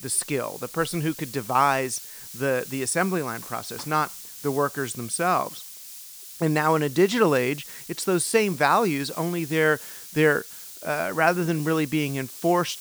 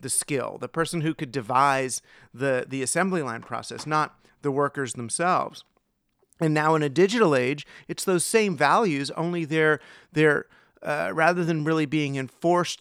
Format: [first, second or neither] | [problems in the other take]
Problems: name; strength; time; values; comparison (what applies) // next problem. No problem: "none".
second | hiss; noticeable; throughout; 15 dB below the speech